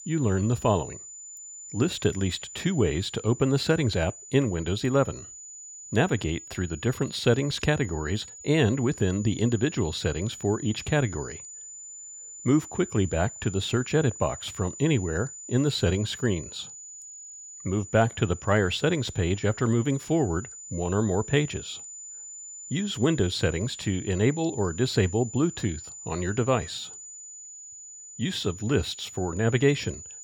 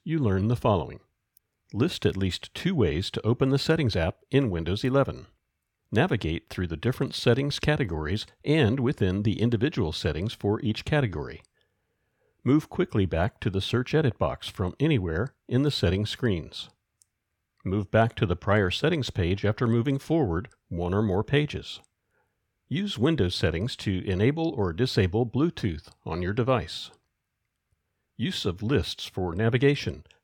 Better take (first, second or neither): second